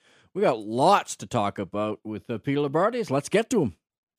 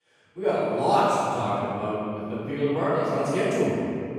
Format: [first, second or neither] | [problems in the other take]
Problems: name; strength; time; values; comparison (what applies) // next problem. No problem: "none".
first | off-mic speech; far // room echo; strong; dies away in 2.3 s